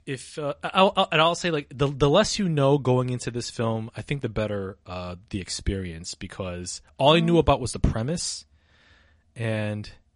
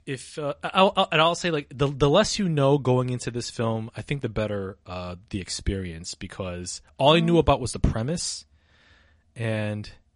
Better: neither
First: garbled, watery; slightly; nothing above 10.5 kHz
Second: garbled, watery; slightly; nothing above 10.5 kHz

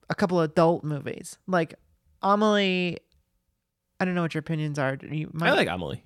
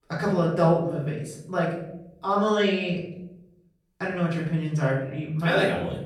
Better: first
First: none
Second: room echo; noticeable; dies away in 0.7 s // off-mic speech; far

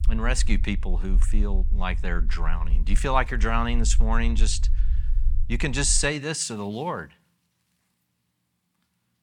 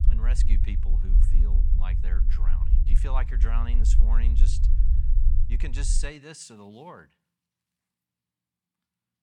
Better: first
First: low rumble; faint; until 6 s; 25 dB below the speech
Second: low rumble; loud; until 6 s; 7 dB below the speech

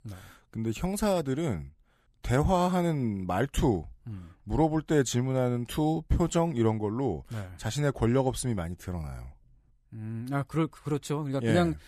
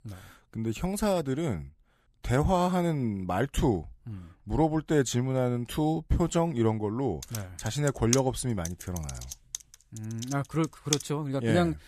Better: first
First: none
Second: keyboard typing; noticeable; from 7 to 11 s; peak 2 dB below the speech

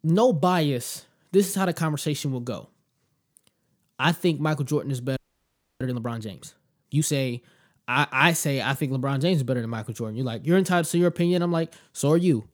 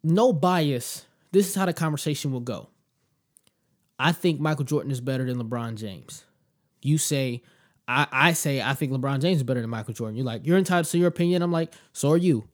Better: second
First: audio freezing; at 5 s for 0.5 s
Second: none

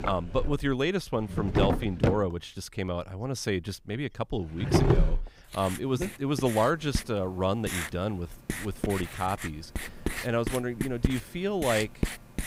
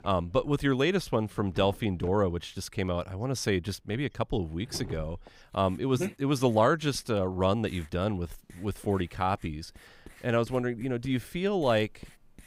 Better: second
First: household noises; loud; throughout; 2 dB below the speech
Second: household noises; faint; throughout; 20 dB below the speech

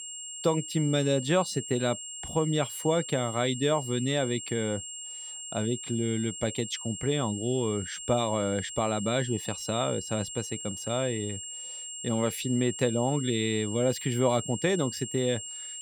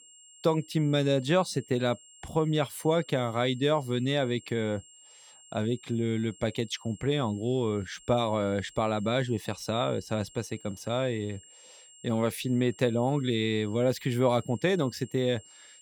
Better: second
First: high-pitched whine; loud; throughout; 7.5 kHz, 8 dB below the speech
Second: high-pitched whine; faint; throughout; 7.5 kHz, 25 dB below the speech

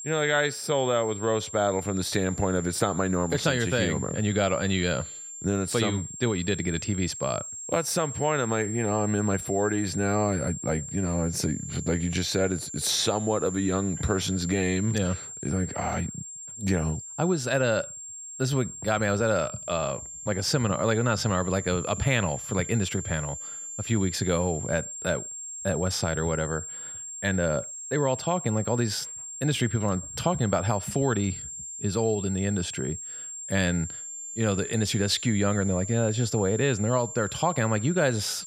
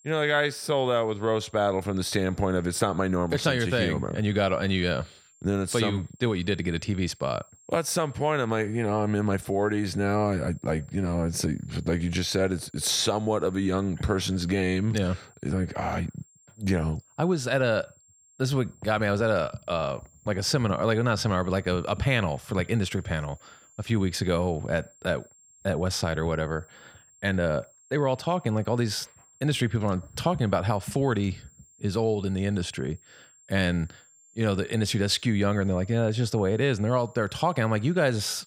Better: second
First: high-pitched whine; loud; throughout; 7.5 kHz, 9 dB below the speech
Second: high-pitched whine; faint; throughout; 7.5 kHz, 30 dB below the speech

